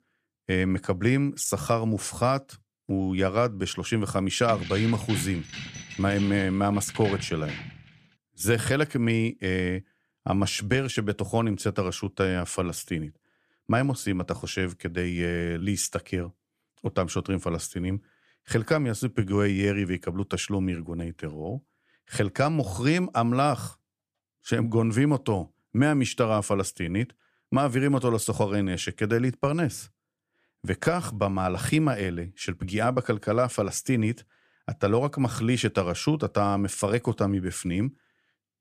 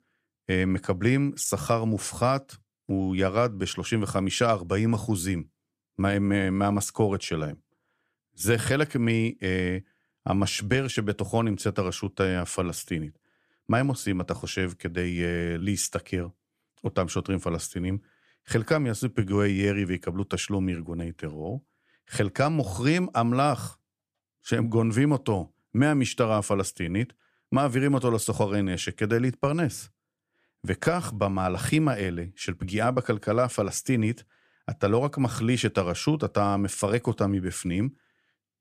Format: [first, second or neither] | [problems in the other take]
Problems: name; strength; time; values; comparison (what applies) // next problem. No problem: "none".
second | jangling keys; noticeable; from 4.5 to 8 s; peak 7 dB below the speech